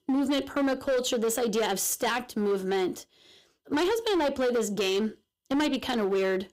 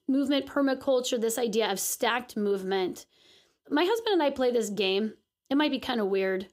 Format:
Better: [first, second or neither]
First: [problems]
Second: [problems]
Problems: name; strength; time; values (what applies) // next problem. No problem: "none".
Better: second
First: distortion; slight; 16% of the sound clipped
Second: none